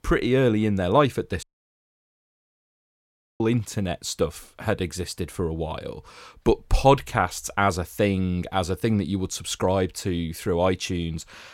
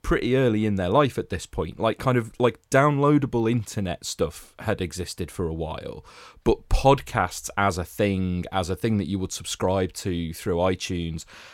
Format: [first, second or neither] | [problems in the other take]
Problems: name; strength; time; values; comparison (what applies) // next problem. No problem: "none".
second | audio cutting out; at 1.5 s for 2 s